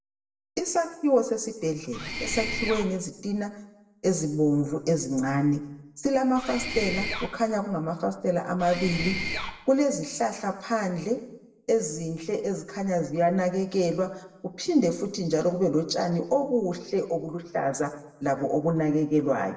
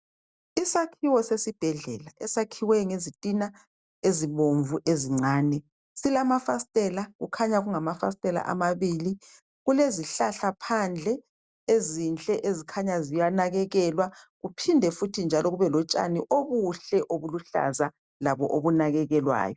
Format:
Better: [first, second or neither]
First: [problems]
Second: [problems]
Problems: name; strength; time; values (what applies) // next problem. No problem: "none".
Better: second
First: background sound (Mechanisms); 6 dB below the speech // room echo; dies away in 0.7 s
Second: none